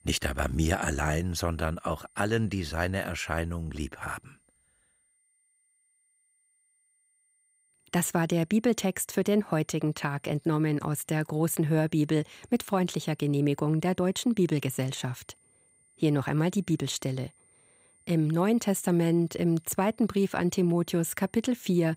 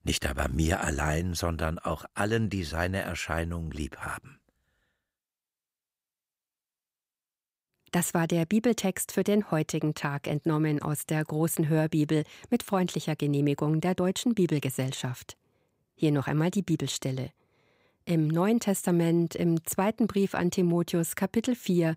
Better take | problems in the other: second | high-pitched whine; faint; throughout; 9 kHz, 35 dB below the speech

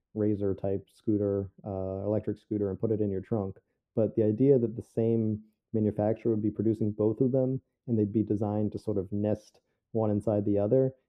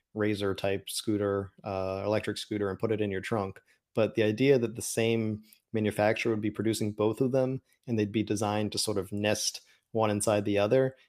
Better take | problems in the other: second | muffled; very; fading above 1 kHz

